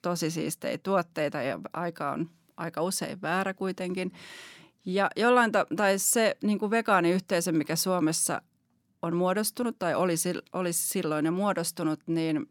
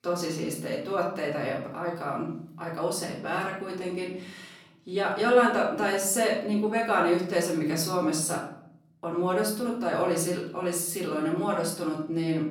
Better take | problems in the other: first | off-mic speech; far // room echo; slight; dies away in 0.6 s

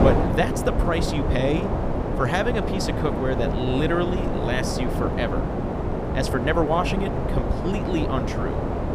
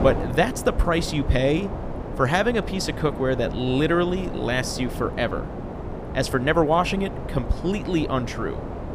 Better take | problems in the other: second | wind noise on the microphone; heavy; 2 dB below the speech; occasional gusts in the second

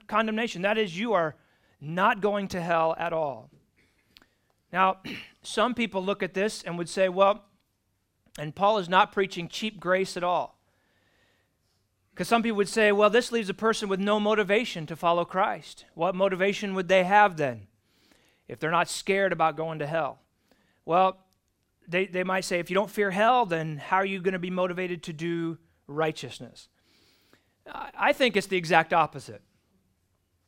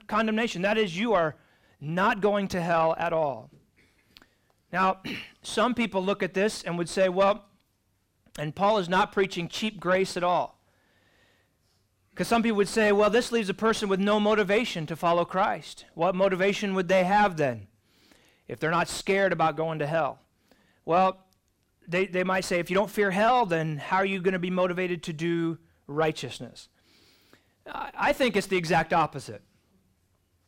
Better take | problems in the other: first | distortion; slight; 10 dB below the speech

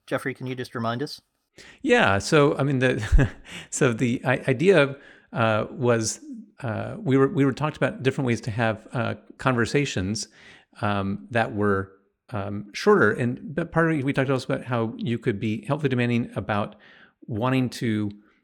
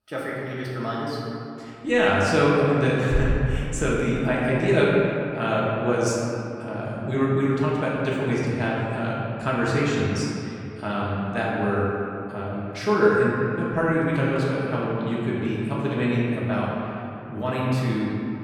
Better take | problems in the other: first | room echo; strong; dies away in 2.5 s // off-mic speech; far

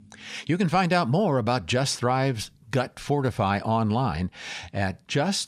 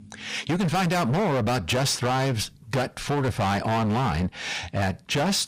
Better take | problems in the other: first | distortion; heavy; 27% of the sound clipped

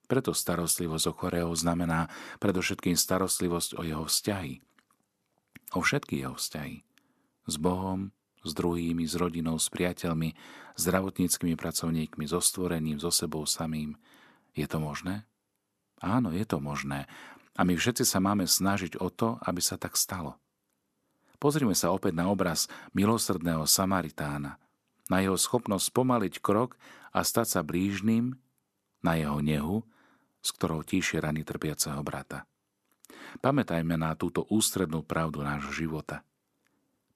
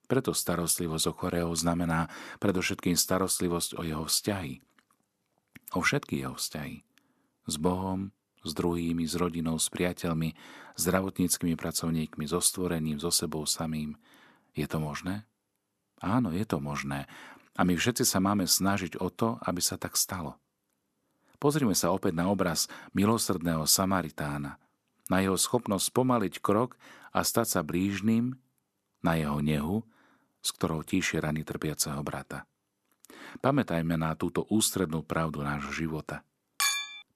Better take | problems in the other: first | clattering dishes; loud; at 37 s; peak 2 dB above the speech

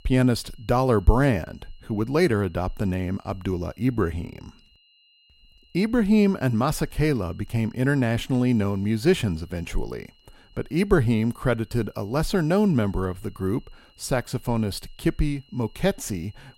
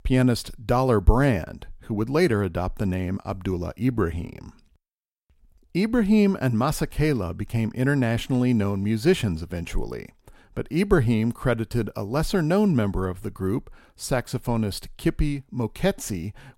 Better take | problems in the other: second | high-pitched whine; faint; throughout; 3 kHz, 35 dB below the speech

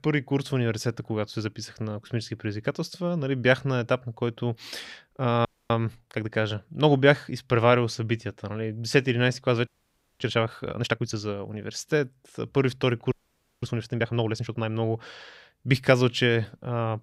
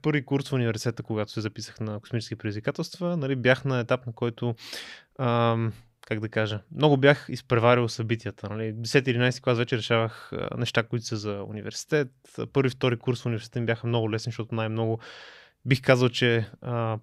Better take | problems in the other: second | audio freezing; at 5.5 s, at 9.5 s for 0.5 s and at 13 s for 0.5 s

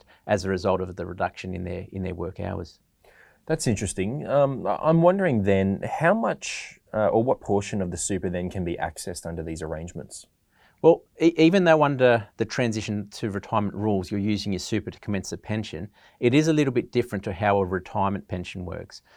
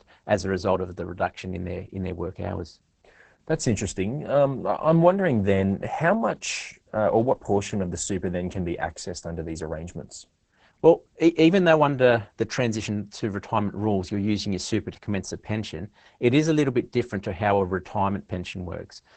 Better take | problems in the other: first | garbled, watery; badly; nothing above 8 kHz

